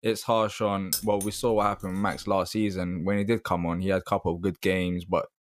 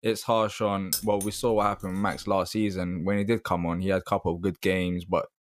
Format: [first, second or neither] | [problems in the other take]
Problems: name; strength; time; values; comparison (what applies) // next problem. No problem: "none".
neither | jangling keys; noticeable; at 1 s; peak 3 dB below the speech; the same in both